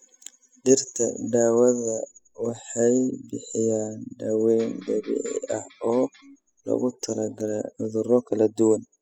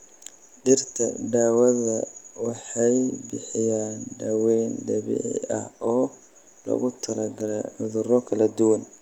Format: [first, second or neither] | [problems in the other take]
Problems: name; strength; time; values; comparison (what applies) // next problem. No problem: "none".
second | noise reduction (classical method spectral subtraction)